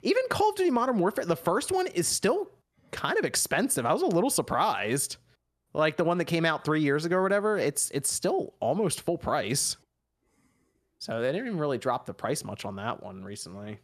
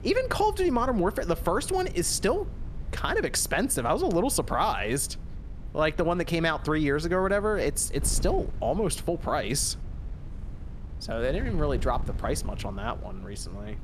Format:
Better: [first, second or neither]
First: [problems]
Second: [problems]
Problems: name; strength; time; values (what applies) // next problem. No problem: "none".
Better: first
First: none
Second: wind noise on the microphone; occasional gusts; 25 dB below the speech